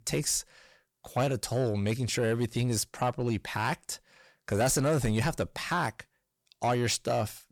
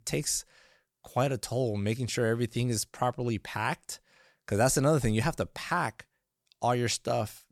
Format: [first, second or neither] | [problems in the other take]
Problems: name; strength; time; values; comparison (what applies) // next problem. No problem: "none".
second | distortion; slight; 10 dB below the speech